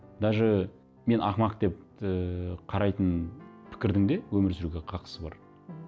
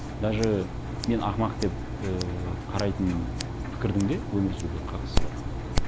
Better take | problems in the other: first | background sound (Engine + Scissors); 1 dB below the speech

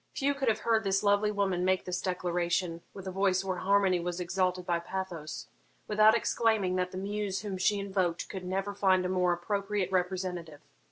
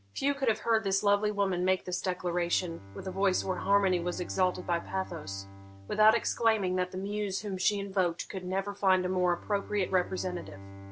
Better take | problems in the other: first | background sound (Bowed string instrument); 18 dB below the speech

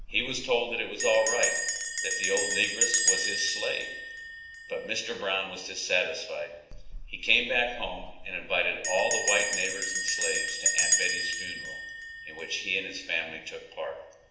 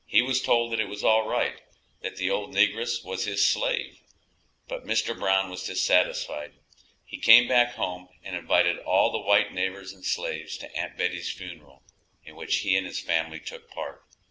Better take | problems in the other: second | background sound (Bell); 1 dB below the speech // room echo; dies away in 0.8 s

